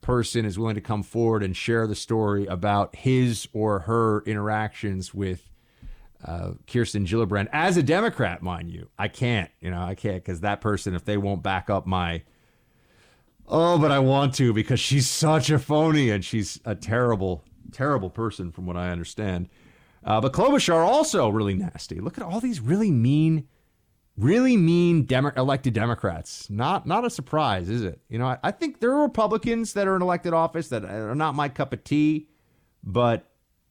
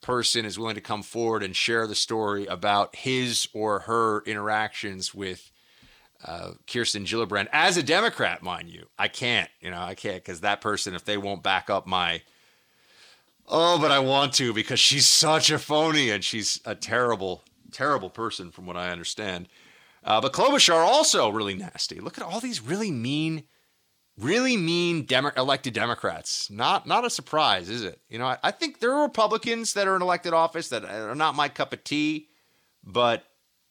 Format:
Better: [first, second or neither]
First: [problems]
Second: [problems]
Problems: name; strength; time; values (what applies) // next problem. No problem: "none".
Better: first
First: none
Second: thin; somewhat; fading below 750 Hz